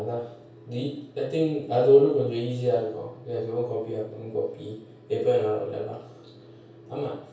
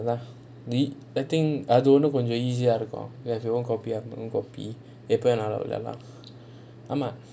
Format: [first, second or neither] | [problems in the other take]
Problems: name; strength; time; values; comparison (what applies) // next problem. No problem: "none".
second | room echo; dies away in 0.6 s